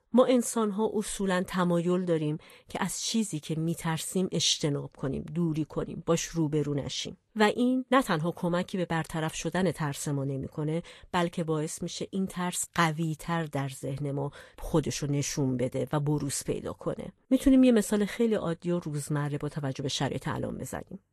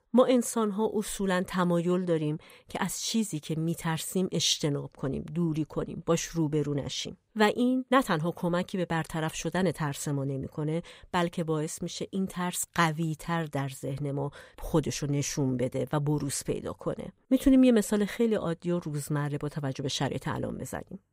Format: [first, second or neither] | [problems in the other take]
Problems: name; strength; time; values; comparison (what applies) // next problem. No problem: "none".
second | garbled, watery; slightly; nothing above 12.5 kHz